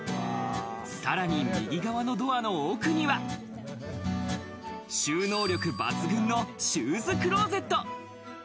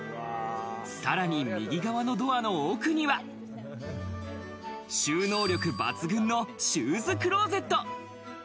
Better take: second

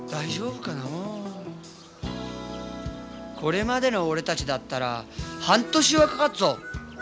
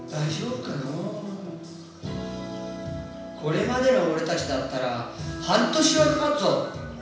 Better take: first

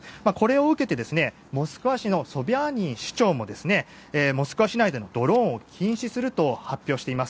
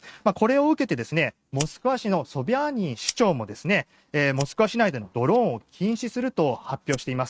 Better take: first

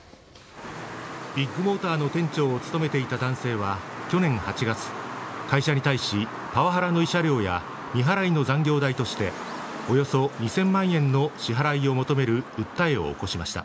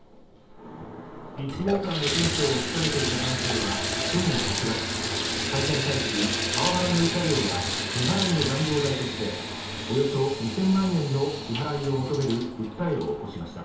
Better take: first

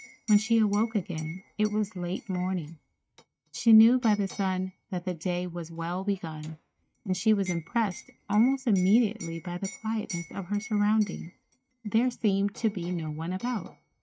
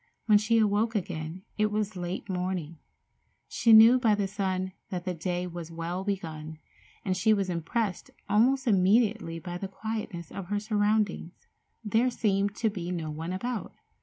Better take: second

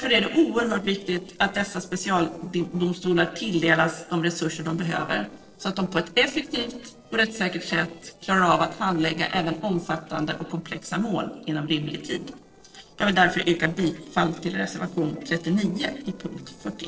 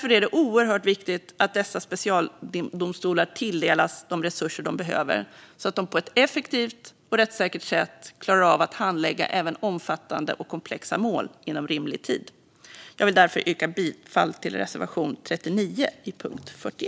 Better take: second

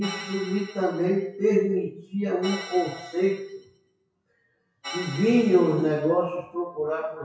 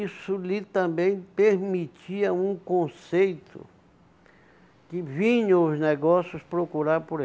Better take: second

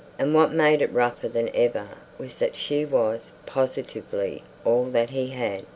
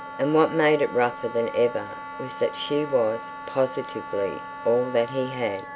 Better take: first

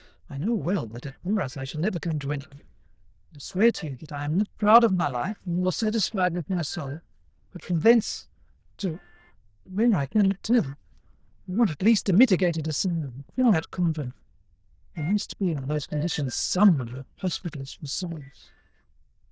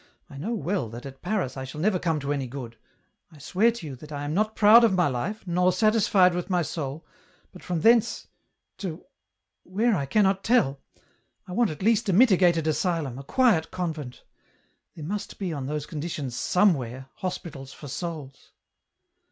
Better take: second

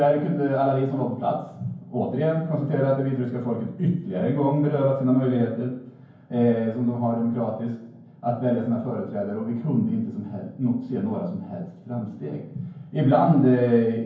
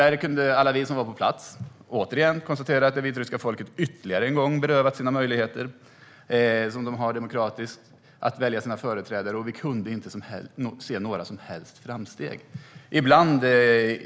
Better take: second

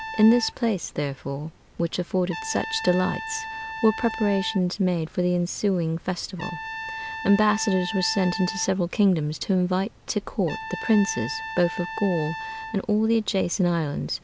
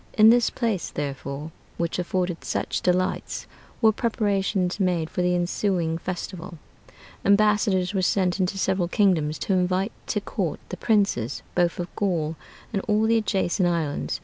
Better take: second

